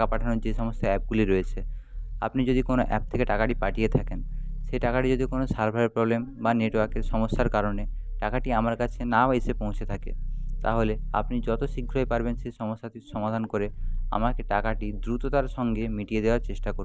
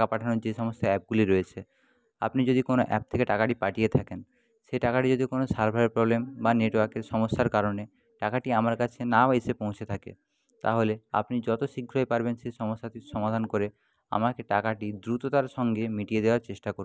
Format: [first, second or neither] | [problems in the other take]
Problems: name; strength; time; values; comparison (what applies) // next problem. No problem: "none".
second | background sound (Growling); 4 dB below the speech